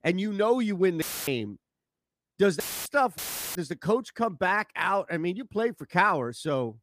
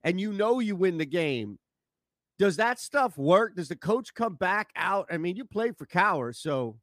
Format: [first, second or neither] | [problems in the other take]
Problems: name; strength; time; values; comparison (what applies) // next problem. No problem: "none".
second | audio cutting out; filled with static; at 1 s, at 2.5 s and at 3 s